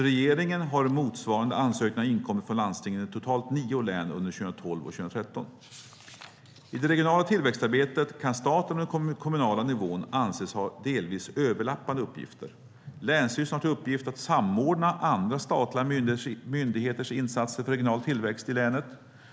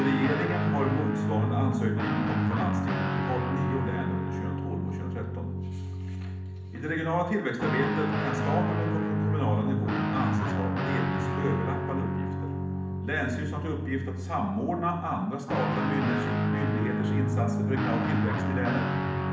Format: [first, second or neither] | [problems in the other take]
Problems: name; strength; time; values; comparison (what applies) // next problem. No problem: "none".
first | background sound (Guitar); 3 dB above the speech // room echo; dies away in 0.8 s